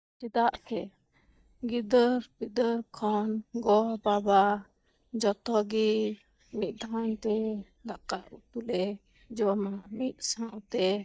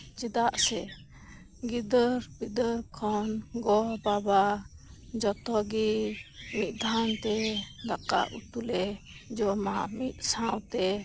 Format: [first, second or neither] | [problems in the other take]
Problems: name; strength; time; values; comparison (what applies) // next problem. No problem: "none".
second | noise reduction (neural mask model DeepFilterNet 3)